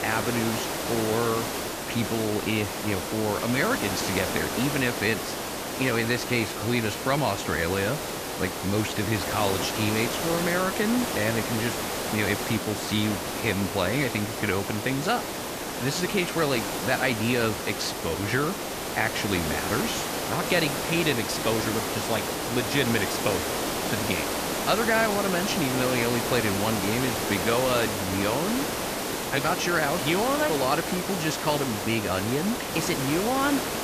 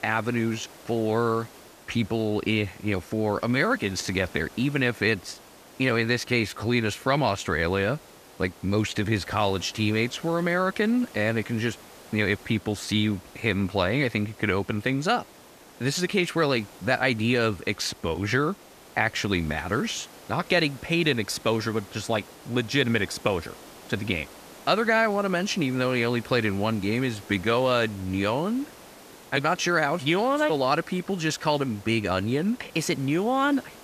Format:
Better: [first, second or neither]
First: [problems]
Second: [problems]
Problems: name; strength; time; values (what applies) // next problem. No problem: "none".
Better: second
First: hiss; loud; throughout; 2 dB below the speech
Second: hiss; faint; throughout; 20 dB below the speech